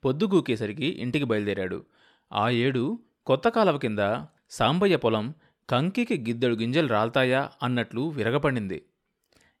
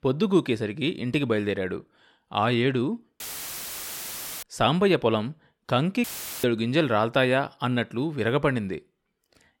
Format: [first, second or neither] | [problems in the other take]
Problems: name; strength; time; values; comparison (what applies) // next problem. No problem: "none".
first | audio cutting out; filled with static; at 3 s for 1 s and at 6 s